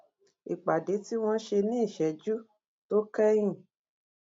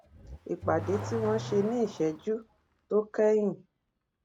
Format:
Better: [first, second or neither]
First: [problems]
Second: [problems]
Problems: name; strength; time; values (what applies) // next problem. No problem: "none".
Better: first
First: none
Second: background sound (Accelerating, revving, vroom / Car); 12 dB below the speech